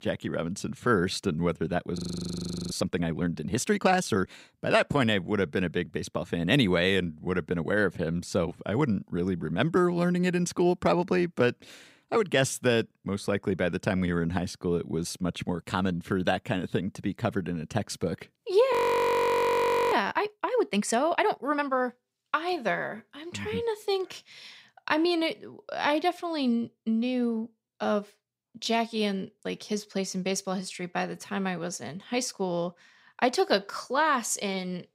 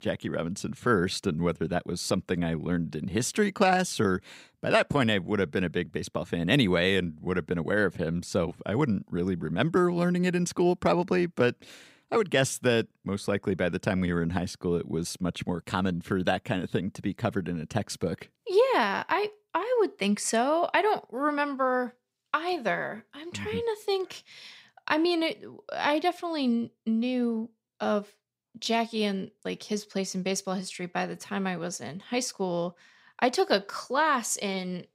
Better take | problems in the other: second | audio freezing; at 2 s for 0.5 s and at 19 s for 1 s

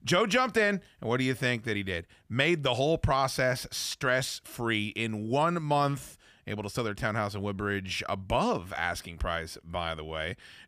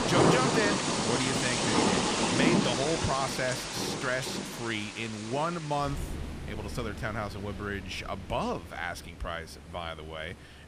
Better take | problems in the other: first | rain or running water; very loud; throughout; 4 dB above the speech

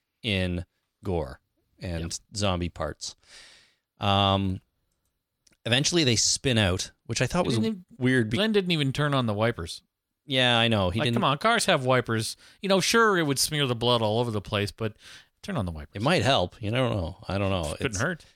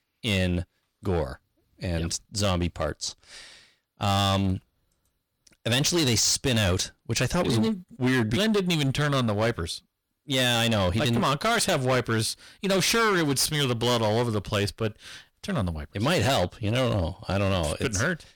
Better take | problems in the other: first | distortion; heavy; 13% of the sound clipped

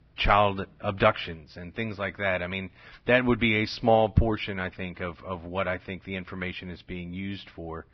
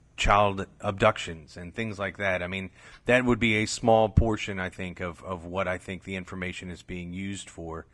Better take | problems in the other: second | garbled, watery; badly; nothing above 5.5 kHz; slightly in the second

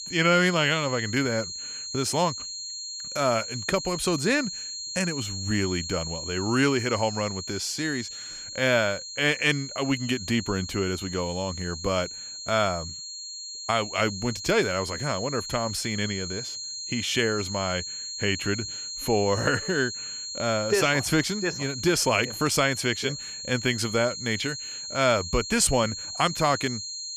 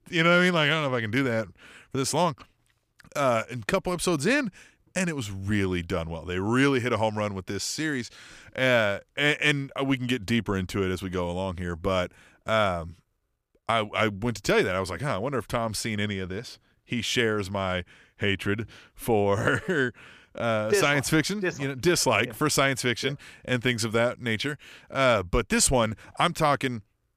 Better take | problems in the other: second | high-pitched whine; loud; throughout; 4 kHz, 7 dB below the speech

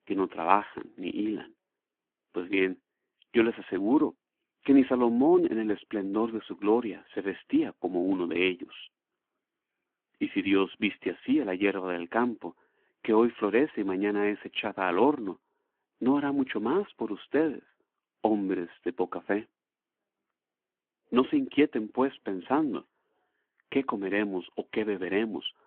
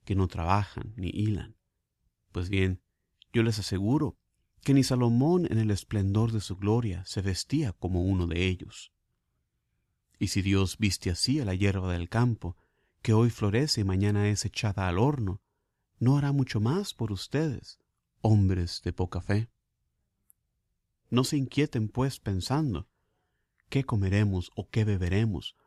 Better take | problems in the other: second | phone-call audio

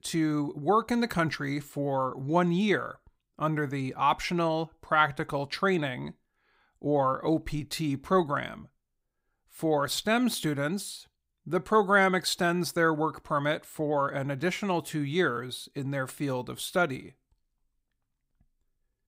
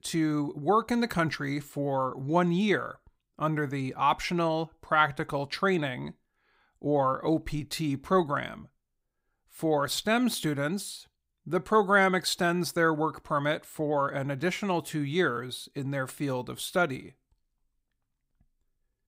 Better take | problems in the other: neither | none

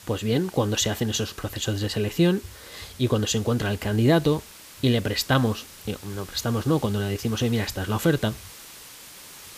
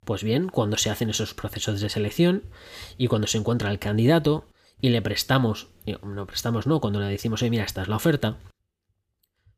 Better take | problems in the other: second | hiss; noticeable; throughout; 20 dB below the speech

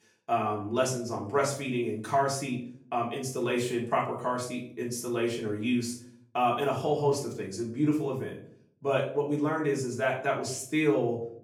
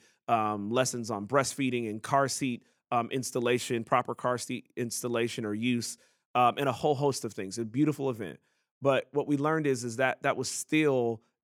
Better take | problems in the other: second | room echo; slight; dies away in 0.4 s // off-mic speech; far

